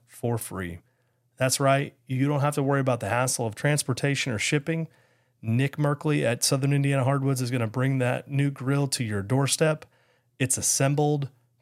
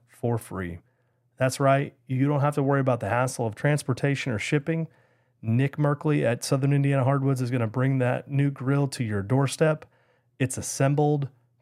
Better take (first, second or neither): first